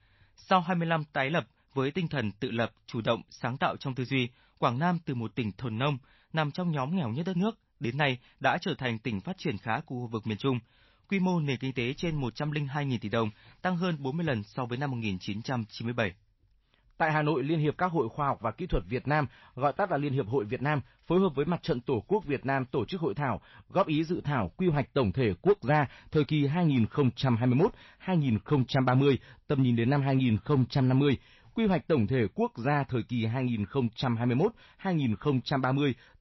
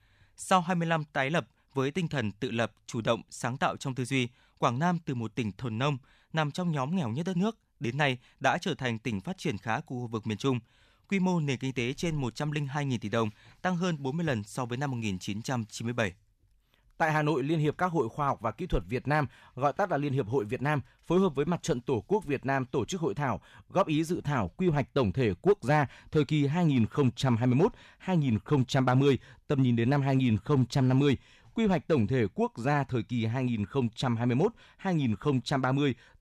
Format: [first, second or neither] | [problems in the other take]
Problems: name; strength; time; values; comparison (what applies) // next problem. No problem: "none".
second | garbled, watery; slightly; nothing above 6 kHz